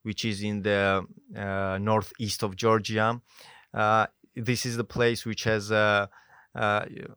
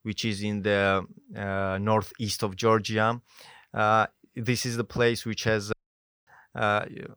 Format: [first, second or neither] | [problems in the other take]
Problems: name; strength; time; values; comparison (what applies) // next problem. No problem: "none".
first | audio cutting out; at 5.5 s for 0.5 s